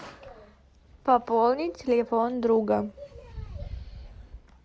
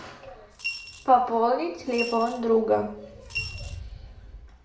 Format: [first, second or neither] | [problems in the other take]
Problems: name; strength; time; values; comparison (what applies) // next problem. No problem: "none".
first | background sound (Coin (dropping) / Glass); 11 dB below the speech // room echo; dies away in 0.6 s